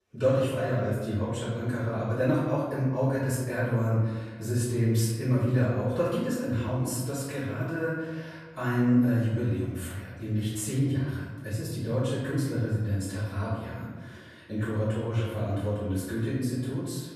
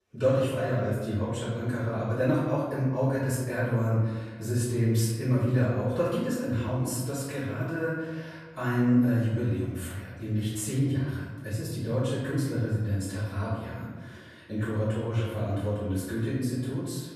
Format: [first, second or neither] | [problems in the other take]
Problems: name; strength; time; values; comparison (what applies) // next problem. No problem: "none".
neither | room echo; strong; dies away in 1.2 s; the same in both // off-mic speech; far; the same in both